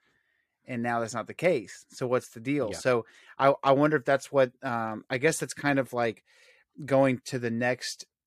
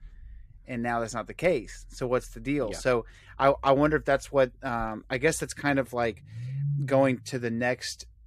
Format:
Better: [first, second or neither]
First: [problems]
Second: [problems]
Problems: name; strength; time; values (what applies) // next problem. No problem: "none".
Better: first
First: none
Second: low rumble; noticeable; throughout; 20 dB below the speech